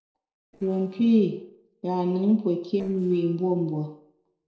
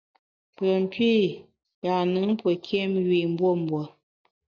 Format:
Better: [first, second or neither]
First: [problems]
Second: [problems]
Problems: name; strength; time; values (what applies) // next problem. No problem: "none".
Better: second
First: noise reduction (neural separator model SepFormer DNS4)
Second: none